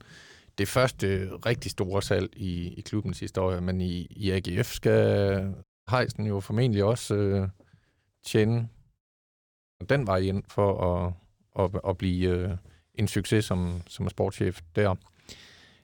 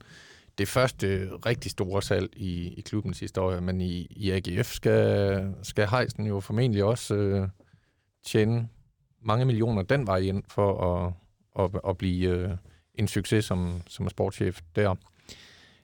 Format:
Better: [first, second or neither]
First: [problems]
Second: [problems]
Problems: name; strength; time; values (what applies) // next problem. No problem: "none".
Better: second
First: audio cutting out; at 5.5 s and at 9 s for 1 s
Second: none